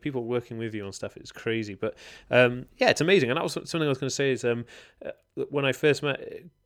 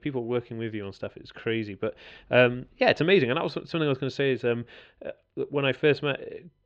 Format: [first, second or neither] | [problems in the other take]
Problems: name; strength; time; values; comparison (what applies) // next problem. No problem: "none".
first | muffled; slightly; fading above 3.5 kHz